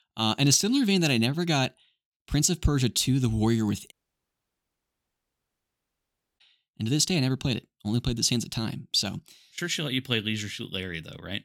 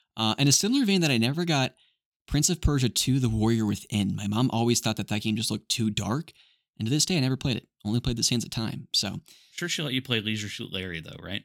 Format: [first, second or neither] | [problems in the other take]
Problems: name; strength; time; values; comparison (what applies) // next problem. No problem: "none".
second | audio cutting out; at 4 s for 2.5 s